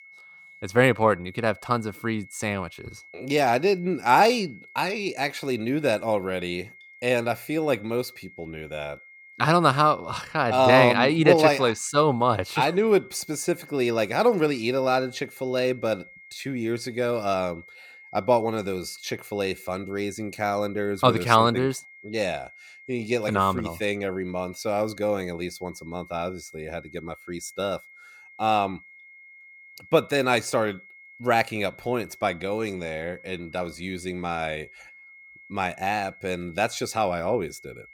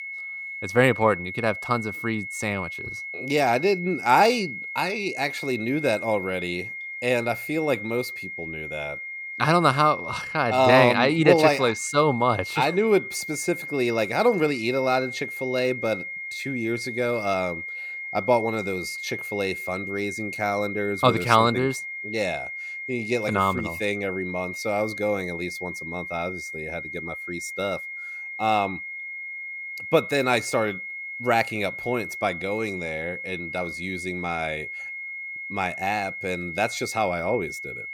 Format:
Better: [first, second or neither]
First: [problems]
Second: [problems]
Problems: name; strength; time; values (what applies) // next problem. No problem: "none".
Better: first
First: high-pitched whine; faint; throughout; 2 kHz, 20 dB below the speech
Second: high-pitched whine; loud; throughout; 2 kHz, 8 dB below the speech